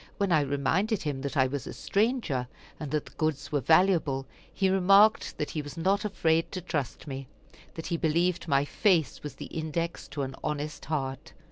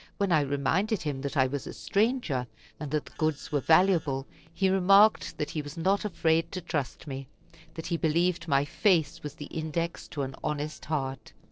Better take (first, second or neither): first